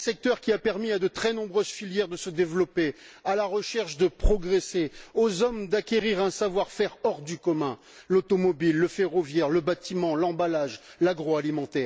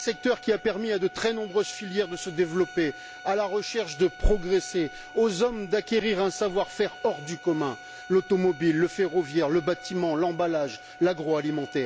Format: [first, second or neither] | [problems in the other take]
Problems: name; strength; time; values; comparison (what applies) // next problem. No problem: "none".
first | background sound (Bowed string instrument); 18 dB below the speech